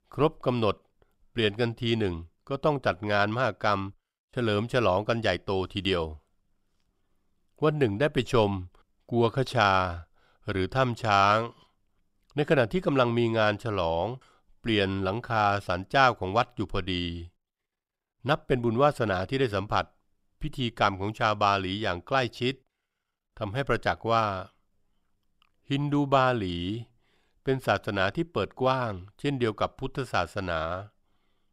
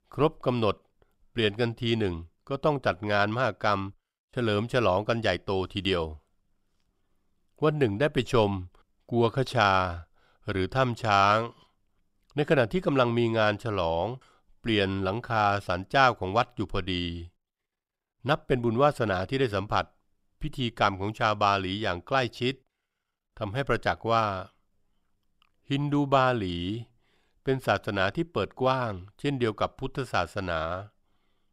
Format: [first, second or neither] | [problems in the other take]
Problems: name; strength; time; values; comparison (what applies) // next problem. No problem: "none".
neither | none